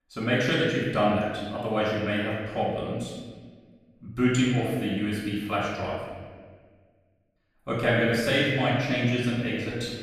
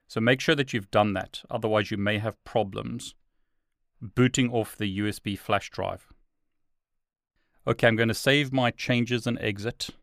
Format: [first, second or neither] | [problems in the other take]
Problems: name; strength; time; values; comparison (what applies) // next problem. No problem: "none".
second | off-mic speech; far // room echo; noticeable; dies away in 1.4 s